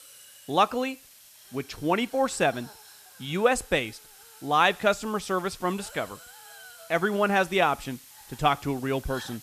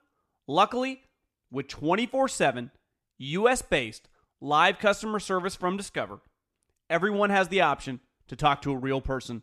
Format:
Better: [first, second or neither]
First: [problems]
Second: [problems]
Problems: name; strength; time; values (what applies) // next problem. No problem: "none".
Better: second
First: hiss; faint; throughout; 20 dB below the speech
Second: none